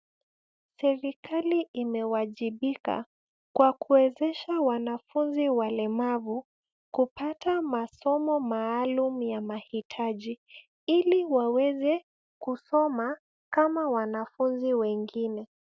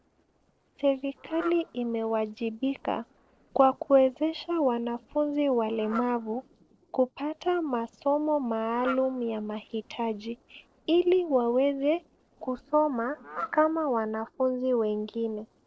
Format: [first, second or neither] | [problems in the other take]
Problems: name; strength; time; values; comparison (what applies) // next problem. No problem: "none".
first | noise reduction (neural separator model SepFormer DNS4)